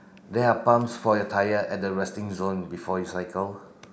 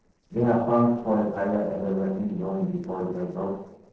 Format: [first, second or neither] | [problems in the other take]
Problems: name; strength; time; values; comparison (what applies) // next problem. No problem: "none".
first | noise reduction (neural separator model SepFormer DNS4)